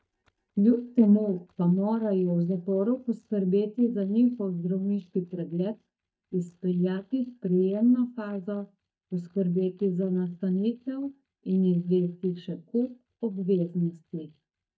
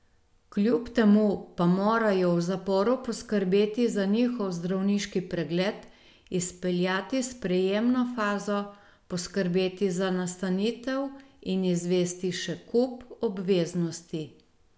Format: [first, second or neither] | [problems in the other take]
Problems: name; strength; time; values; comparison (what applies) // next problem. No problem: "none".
second | noise reduction (neural mask model DeepFilterNet 3)